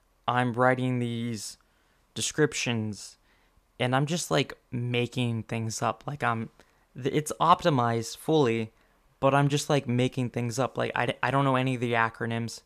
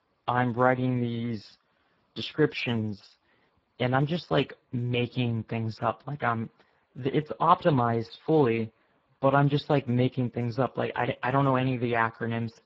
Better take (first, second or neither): first